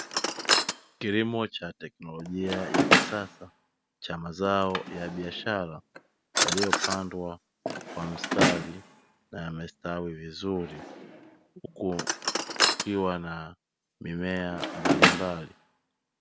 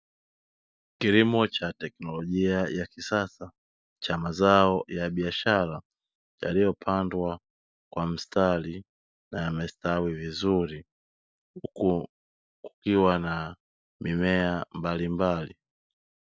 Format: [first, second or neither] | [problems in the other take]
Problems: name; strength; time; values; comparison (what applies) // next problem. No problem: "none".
second | background sound (Drawer open or close); 3 dB above the speech